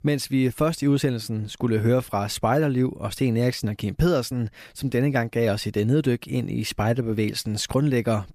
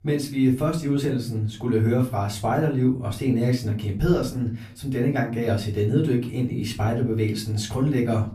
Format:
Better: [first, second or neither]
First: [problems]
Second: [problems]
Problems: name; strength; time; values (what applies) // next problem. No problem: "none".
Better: first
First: none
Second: off-mic speech; far // room echo; slight; dies away in 0.4 s